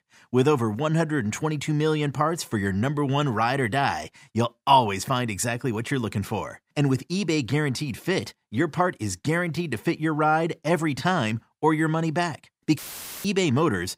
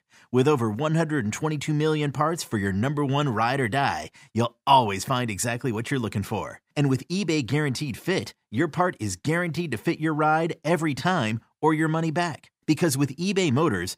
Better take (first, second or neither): second